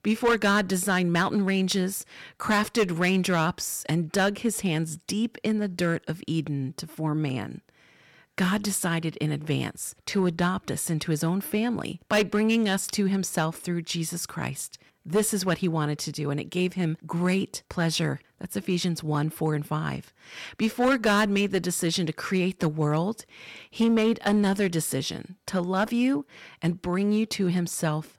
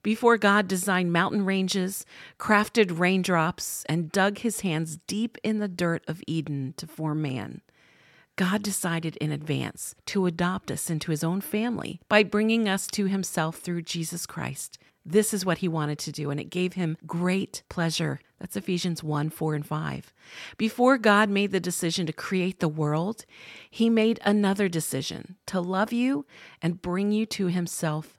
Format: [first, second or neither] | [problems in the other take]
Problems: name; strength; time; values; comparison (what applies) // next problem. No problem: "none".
second | distortion; slight; 4% of the sound clipped